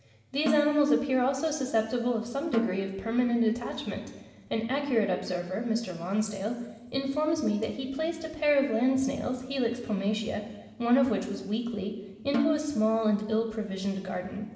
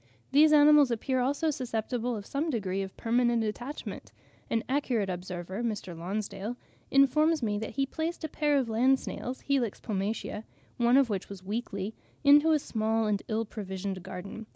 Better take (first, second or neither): second